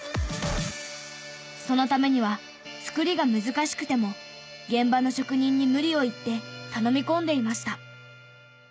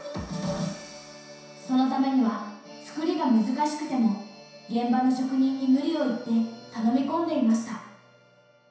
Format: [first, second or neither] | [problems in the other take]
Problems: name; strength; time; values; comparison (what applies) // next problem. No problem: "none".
first | room echo; dies away in 0.7 s